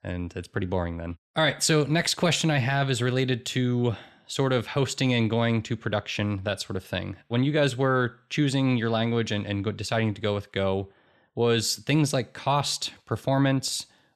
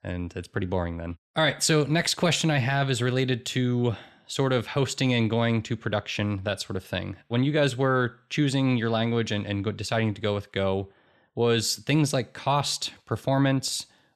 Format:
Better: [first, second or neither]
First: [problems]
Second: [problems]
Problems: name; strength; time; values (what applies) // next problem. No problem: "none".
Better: neither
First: none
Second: none